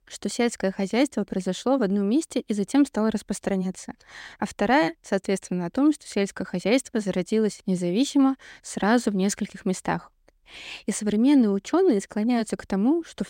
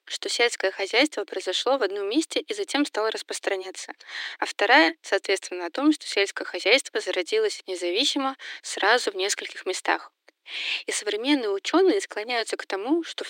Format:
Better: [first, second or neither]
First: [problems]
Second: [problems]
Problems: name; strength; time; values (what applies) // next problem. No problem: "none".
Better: first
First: none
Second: thin; somewhat; fading below 300 Hz